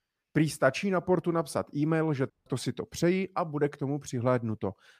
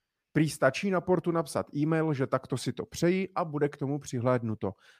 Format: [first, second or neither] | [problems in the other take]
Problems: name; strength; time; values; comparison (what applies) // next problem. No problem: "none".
second | audio cutting out; at 2.5 s